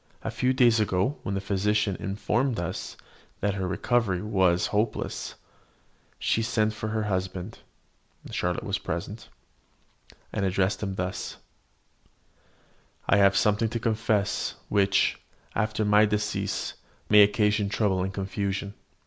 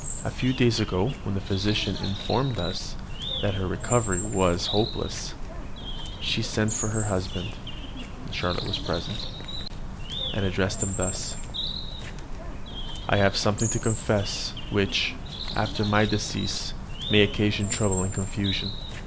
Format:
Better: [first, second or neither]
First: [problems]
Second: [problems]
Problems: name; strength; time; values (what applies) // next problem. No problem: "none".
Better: first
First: none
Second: background sound (Bird); 4 dB below the speech